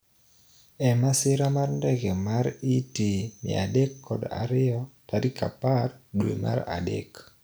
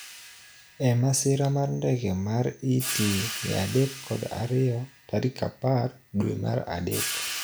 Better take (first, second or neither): first